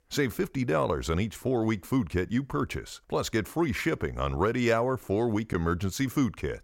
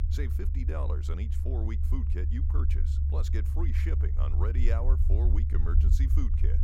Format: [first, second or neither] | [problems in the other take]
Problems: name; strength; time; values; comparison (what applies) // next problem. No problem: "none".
first | low rumble; loud; throughout; 3 dB below the speech